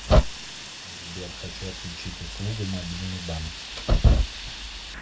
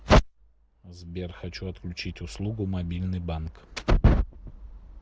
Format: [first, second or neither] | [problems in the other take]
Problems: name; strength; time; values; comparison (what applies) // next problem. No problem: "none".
second | background sound (Fire); 13 dB below the speech // room echo; dies away in 0.2 s